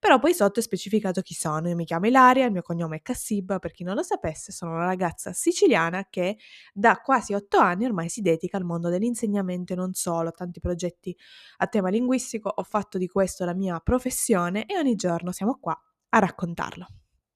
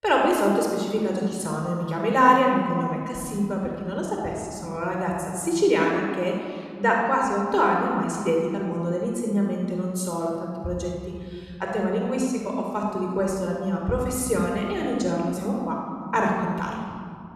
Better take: first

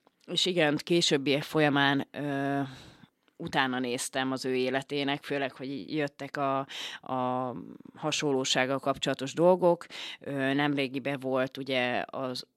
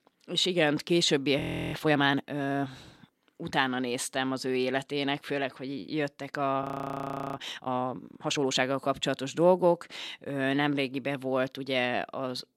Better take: first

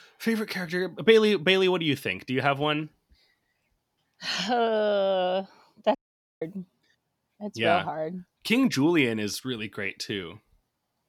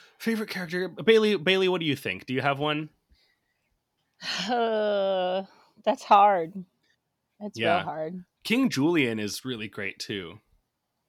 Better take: second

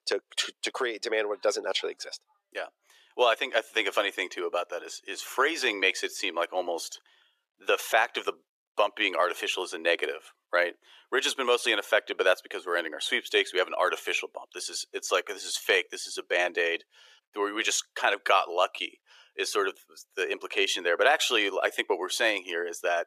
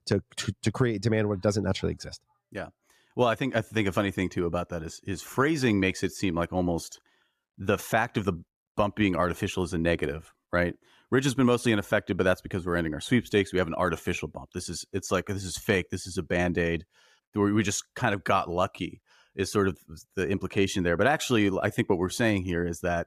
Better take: second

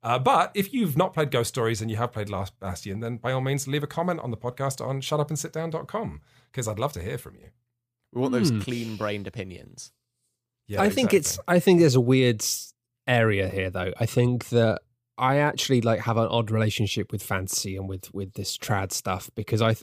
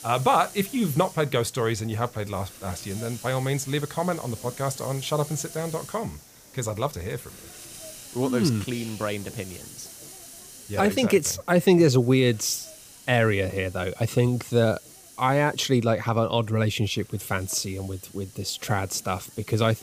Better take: first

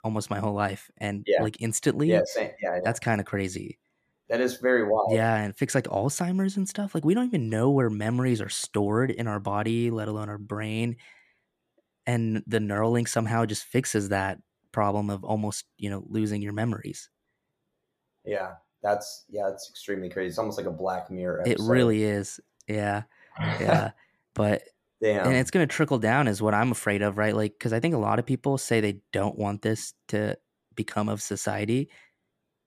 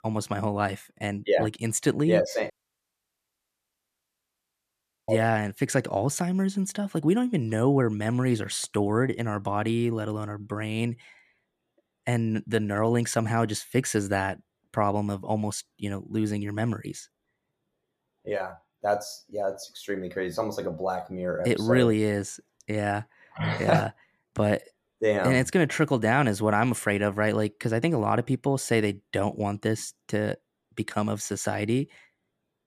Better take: first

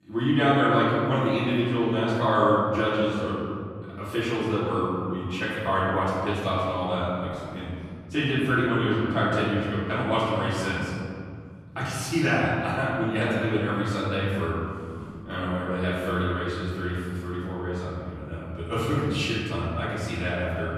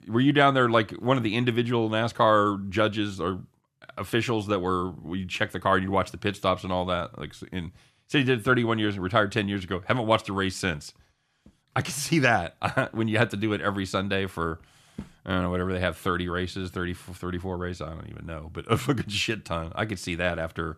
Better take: second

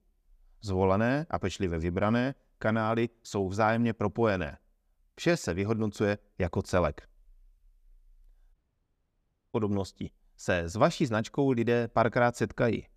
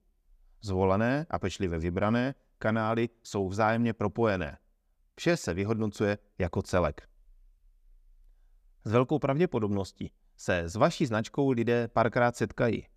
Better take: second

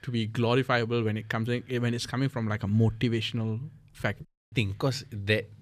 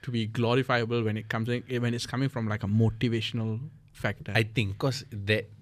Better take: second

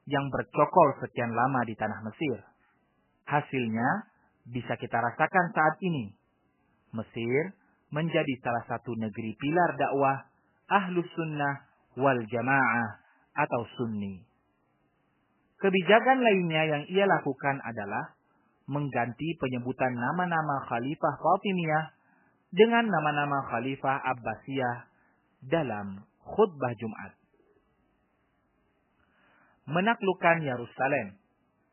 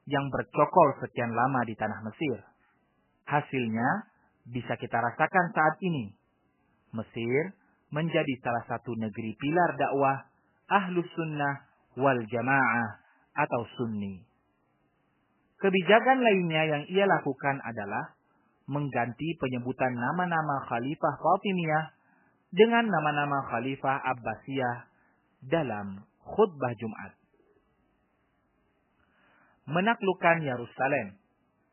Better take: neither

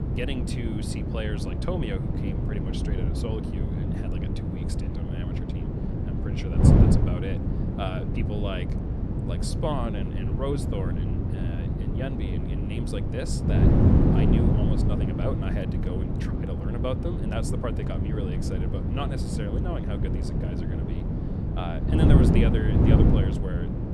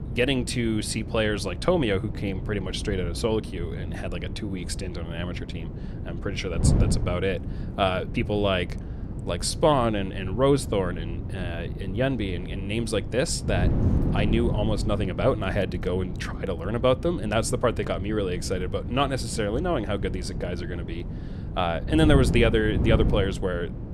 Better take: second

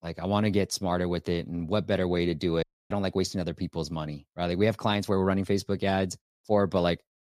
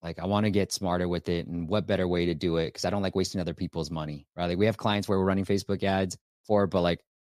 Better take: second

